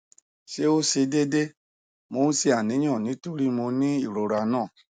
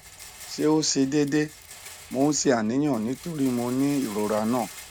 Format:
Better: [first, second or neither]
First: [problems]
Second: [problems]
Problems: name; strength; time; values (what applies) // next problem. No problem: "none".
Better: first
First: none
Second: background sound (Rattle); 19 dB below the speech